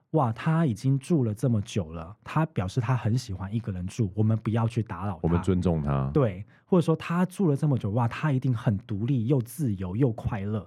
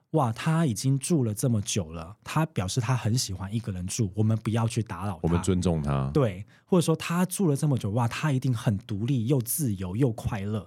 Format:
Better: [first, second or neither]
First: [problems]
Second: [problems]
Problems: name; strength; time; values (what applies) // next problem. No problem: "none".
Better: second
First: muffled; slightly; fading above 3.5 kHz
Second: none